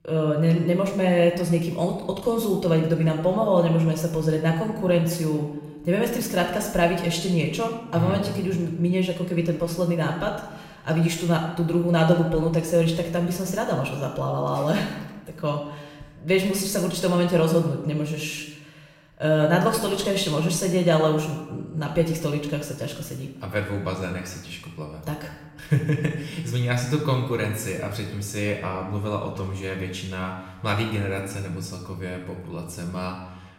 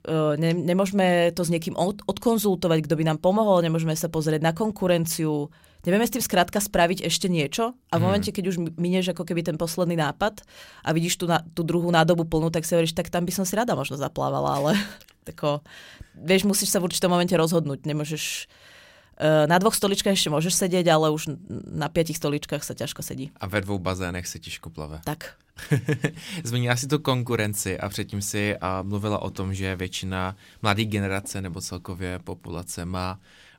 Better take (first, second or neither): second